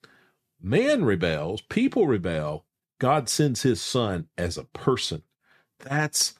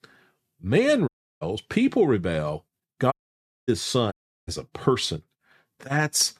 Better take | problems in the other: first | audio cutting out; at 1 s, at 3 s for 0.5 s and at 4 s

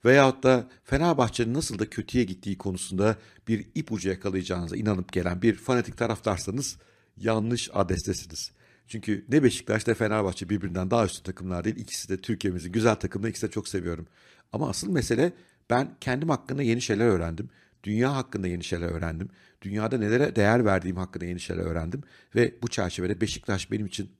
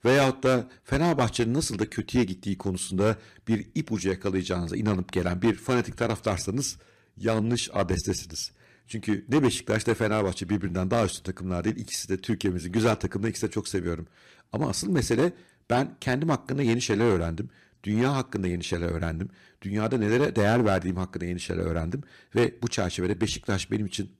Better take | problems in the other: first | distortion; slight; 4% of the sound clipped

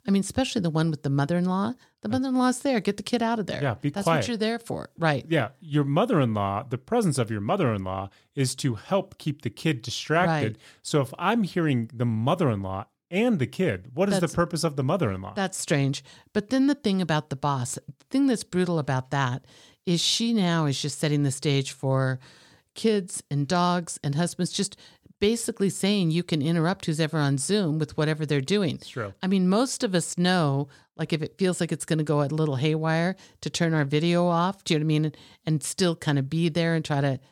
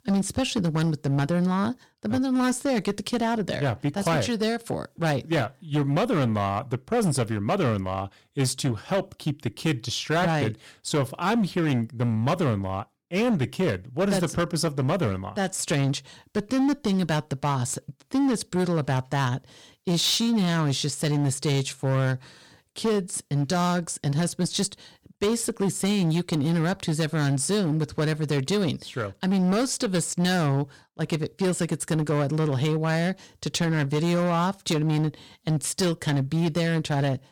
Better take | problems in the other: first | distortion; slight; 13% of the sound clipped

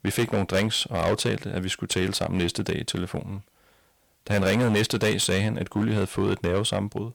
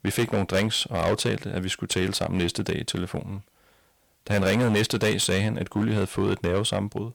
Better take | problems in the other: neither | distortion; heavy; 9% of the sound clipped; the same in both

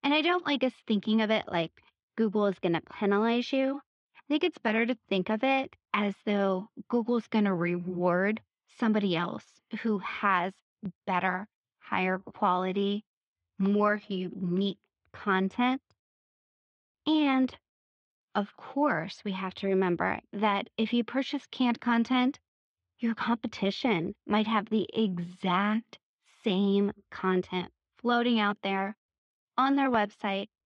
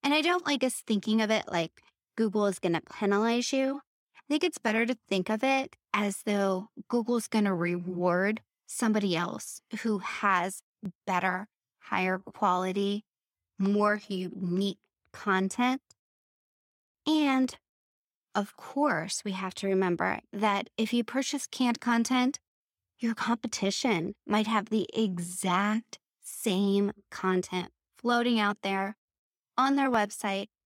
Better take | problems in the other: second | muffled; slightly; fading above 3.5 kHz

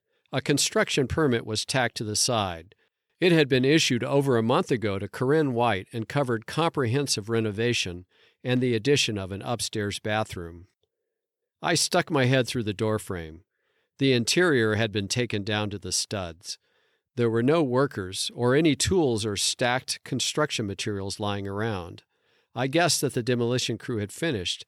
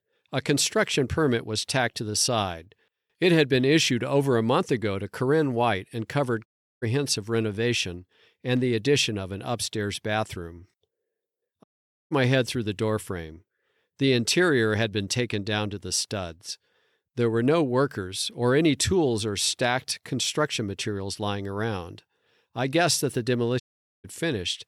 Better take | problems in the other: first | audio cutting out; at 6.5 s, at 12 s and at 24 s

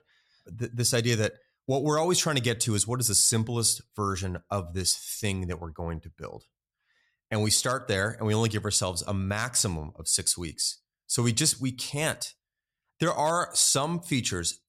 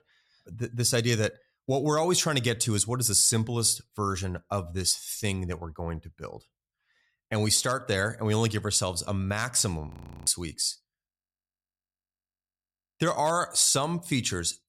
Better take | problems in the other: first | audio freezing; at 10 s and at 11 s for 2 s

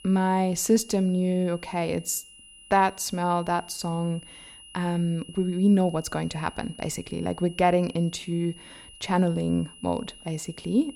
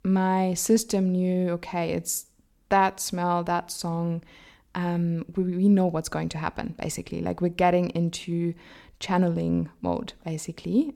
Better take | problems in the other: second | high-pitched whine; faint; throughout; 3 kHz, 20 dB below the speech

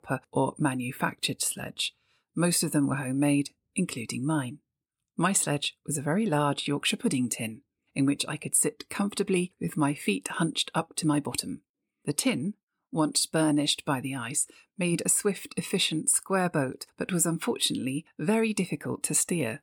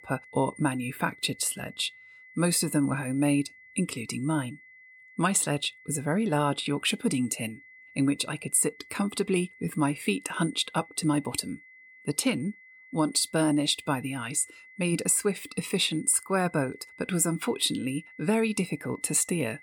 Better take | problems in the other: first | high-pitched whine; faint; throughout; 2 kHz, 20 dB below the speech

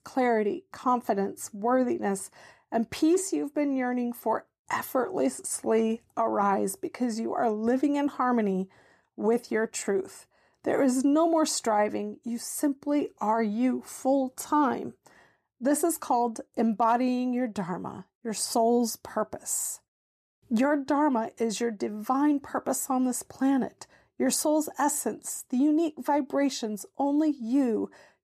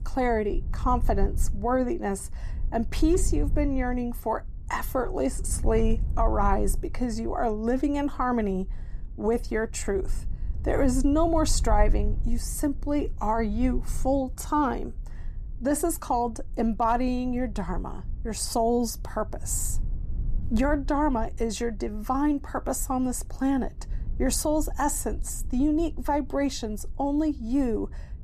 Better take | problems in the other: first | low rumble; faint; throughout; 25 dB below the speech

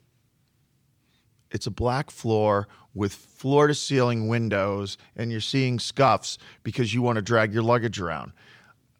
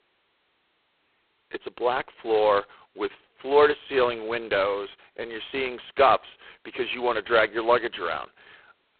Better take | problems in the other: first | phone-call audio; poor line; nothing above 4 kHz

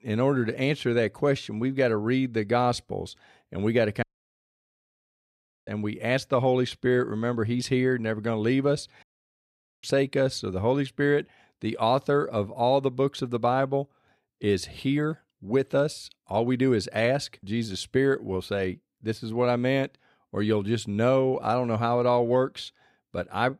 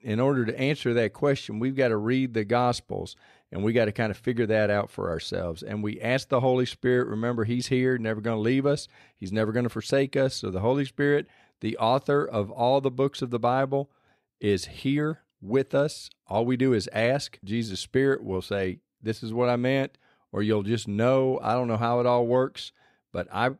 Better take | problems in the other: second | audio cutting out; at 4 s for 1.5 s and at 9 s for 1 s

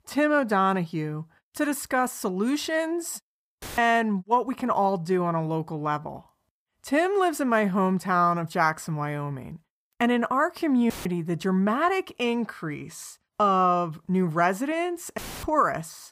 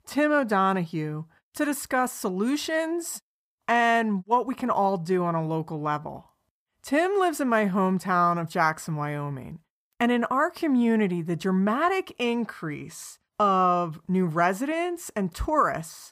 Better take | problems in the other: second | audio cutting out; filled with static; at 3.5 s, at 11 s and at 15 s

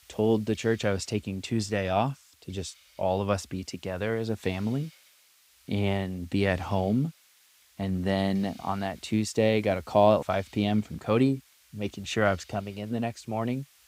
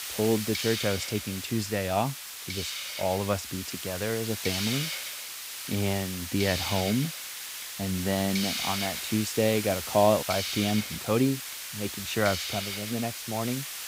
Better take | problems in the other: first | hiss; loud; throughout; 4 dB below the speech; faint in the first

